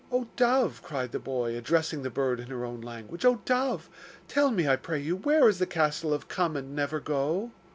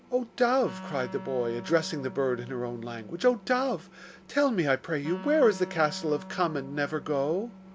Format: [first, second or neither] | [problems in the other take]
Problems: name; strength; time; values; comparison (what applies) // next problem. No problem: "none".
first | background sound (Wind instrument, woodwind instrument); 16 dB below the speech